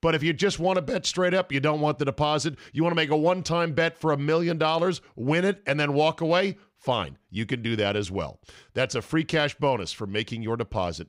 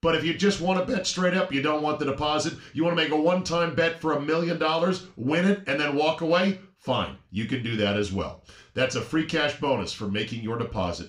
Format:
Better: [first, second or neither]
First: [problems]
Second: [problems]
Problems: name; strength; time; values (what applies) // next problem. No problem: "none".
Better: first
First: none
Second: room echo; very slight; dies away in 0.3 s // off-mic speech; somewhat distant